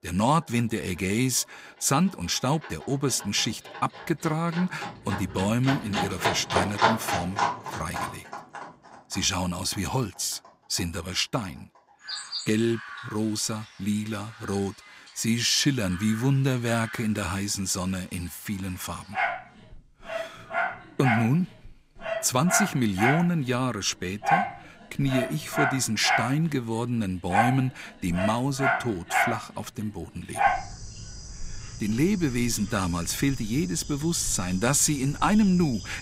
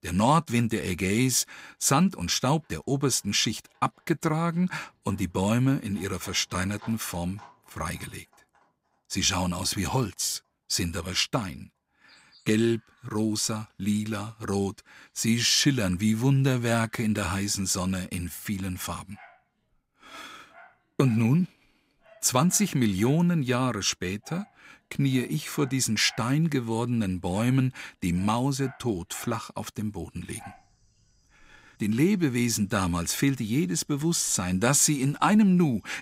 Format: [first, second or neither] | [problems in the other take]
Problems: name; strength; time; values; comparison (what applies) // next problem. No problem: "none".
second | animal sounds; loud; throughout; 4 dB below the speech; faint in the second